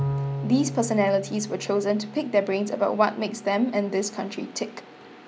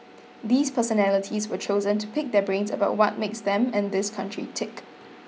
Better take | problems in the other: second | background sound (Bowed string instrument); 10 dB below the speech

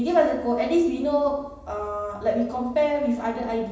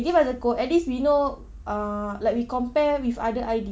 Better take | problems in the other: second | room echo; dies away in 0.9 s

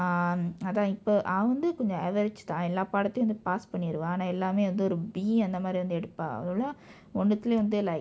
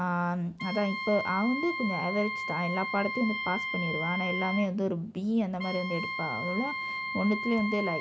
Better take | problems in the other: first | background sound (Wind instrument, woodwind instrument); 5 dB below the speech

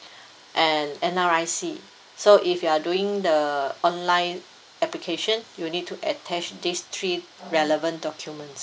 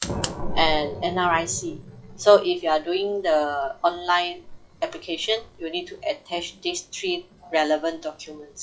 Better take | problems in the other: first | noise reduction (classical method log-MMSE)

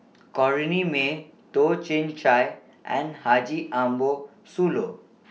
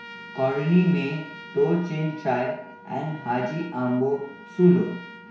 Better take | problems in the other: first | background sound (Trumpet); 18 dB below the speech // room echo; dies away in 0.6 s

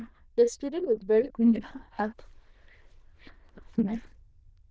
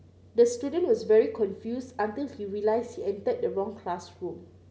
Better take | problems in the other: second | noise reduction (neural diffusion model UNIVERSE++)

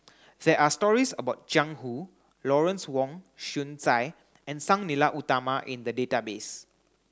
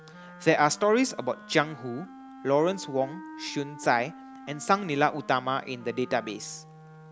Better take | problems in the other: first | background sound (Wind instrument, woodwind instrument); 18 dB below the speech

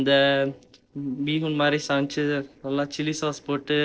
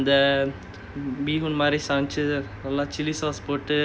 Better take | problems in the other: second | noise reduction (neural separator model SepFormer DNS4)

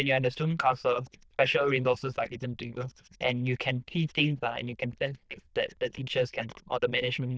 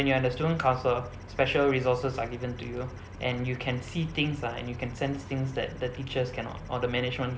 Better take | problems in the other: second | noise reduction (neural diffusion model UNIVERSE++)

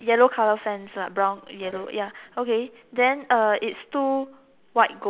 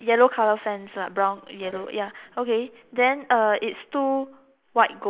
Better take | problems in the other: first | noise reduction (neural mask model Resemble Enhance denoiser)

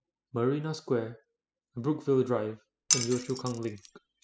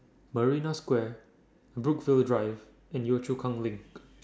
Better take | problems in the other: second | noise reduction (classical method spectral subtraction)

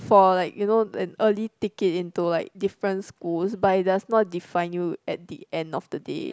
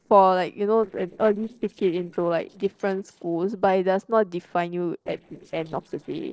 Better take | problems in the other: first | noise reduction (neural separator model SepFormer DNS4)

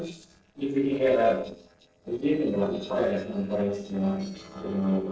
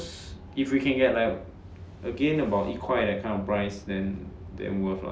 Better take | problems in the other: second | noise reduction (neural separator model SepFormer DNS4)

